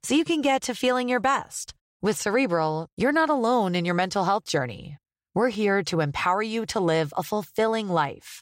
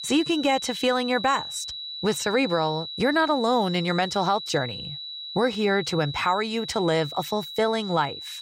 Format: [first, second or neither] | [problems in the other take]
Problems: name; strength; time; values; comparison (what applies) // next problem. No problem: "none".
first | high-pitched whine; loud; throughout; 4 kHz, 9 dB below the speech